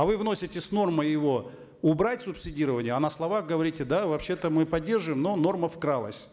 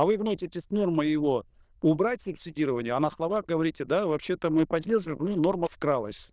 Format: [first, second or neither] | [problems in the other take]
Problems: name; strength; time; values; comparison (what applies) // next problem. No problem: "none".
first | noise reduction (neural diffusion model UNIVERSE++)